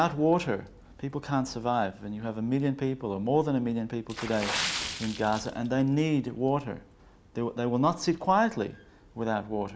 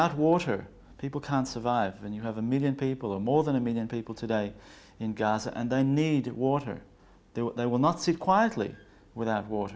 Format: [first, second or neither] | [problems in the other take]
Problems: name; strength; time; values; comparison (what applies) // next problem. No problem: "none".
second | background sound (Water / Splash, splatter); 13 dB below the speech